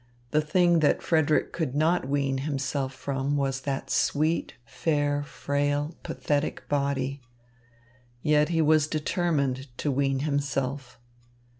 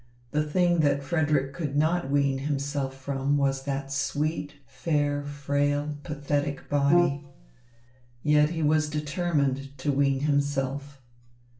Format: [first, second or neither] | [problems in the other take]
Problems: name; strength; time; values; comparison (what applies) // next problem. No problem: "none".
first | background sound (Brass instrument); 2 dB below the speech // room echo; dies away in 0.3 s